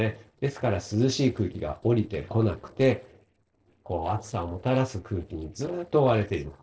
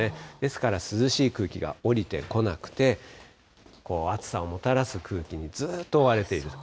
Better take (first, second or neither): second